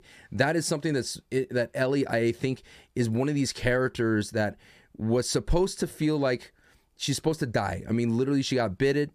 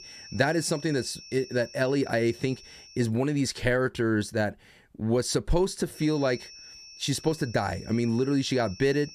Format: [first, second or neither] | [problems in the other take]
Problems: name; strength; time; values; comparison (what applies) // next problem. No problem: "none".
first | high-pitched whine; noticeable; until 3 s and from 6 s on; 5.5 kHz, 15 dB below the speech